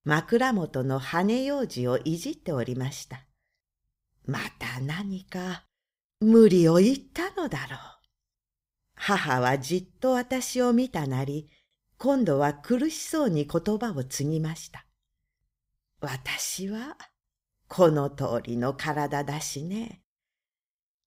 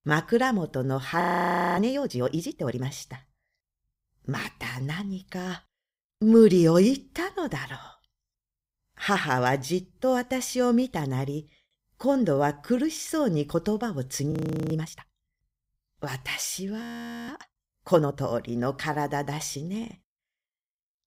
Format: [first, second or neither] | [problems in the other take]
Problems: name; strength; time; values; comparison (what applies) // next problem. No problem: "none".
first | audio freezing; at 1 s for 0.5 s, at 14 s and at 17 s